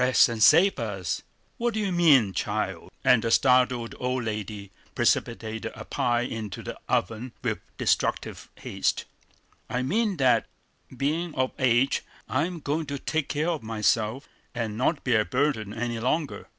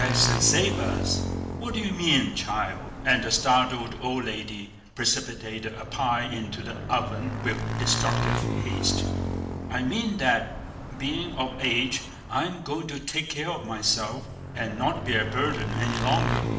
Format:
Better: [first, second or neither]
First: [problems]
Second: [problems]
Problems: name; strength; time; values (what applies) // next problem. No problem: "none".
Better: first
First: none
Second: background sound (Motorcycle / Engine); 3 dB below the speech // room echo; dies away in 0.7 s